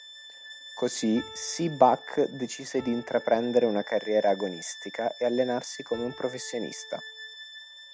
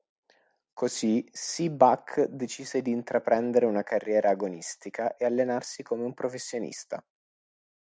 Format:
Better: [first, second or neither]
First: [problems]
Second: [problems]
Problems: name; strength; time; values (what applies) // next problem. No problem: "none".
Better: second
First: background sound (Bowed string instrument + Piano); 16 dB below the speech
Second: none